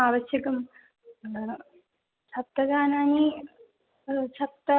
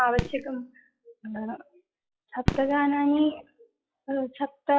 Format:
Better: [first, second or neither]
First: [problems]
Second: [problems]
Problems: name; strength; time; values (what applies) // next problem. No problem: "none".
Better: first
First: none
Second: noise reduction (classical method log-MMSE)